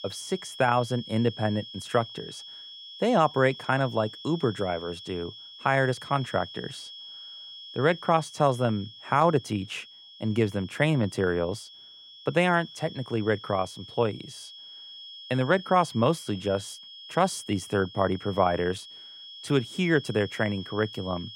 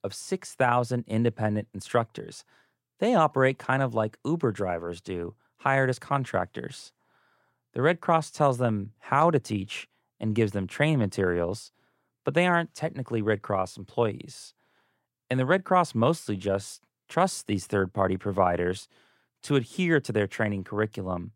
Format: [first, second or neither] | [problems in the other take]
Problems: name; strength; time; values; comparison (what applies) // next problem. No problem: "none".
second | high-pitched whine; noticeable; throughout; 3.5 kHz, 15 dB below the speech